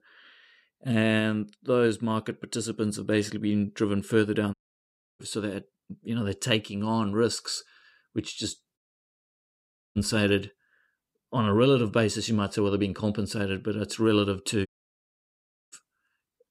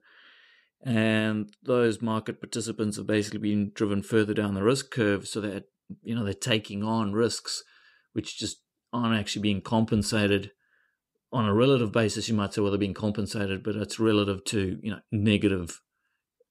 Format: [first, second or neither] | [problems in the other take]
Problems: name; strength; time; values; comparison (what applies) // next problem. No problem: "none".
second | audio cutting out; at 4.5 s for 0.5 s, at 9 s for 1 s and at 15 s for 1 s